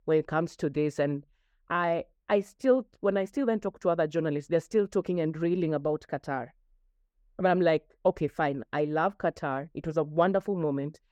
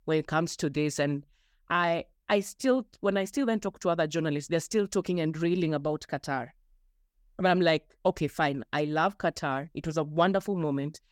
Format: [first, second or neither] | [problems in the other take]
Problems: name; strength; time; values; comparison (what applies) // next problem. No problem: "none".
second | muffled; slightly; fading above 3 kHz